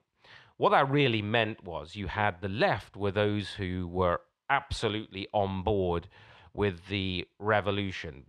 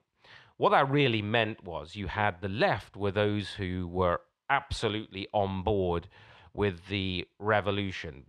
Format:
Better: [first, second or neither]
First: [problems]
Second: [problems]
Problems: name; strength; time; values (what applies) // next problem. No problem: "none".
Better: neither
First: muffled; slightly; fading above 3 kHz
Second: muffled; slightly; fading above 3 kHz